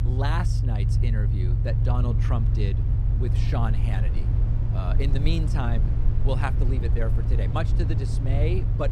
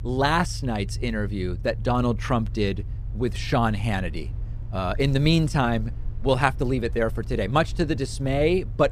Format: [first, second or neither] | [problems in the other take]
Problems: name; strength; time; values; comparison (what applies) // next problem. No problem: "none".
second | low rumble; loud; throughout; 4 dB below the speech; faint in the second